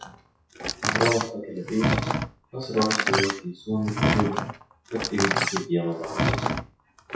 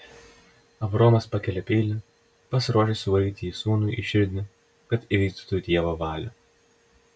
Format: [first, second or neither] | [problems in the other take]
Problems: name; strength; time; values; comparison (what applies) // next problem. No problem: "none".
second | noise reduction (classical method WPE with log-MMSE)